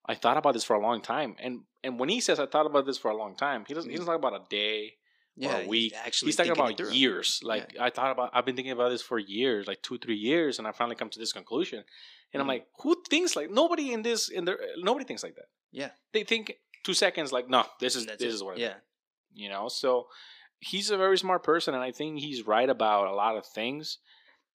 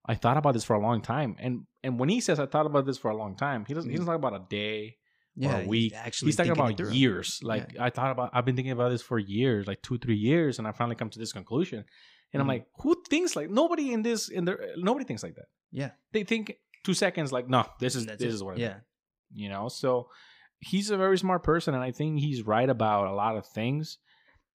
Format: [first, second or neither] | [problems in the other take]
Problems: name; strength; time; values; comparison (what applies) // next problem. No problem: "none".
second | thin; somewhat; fading below 300 Hz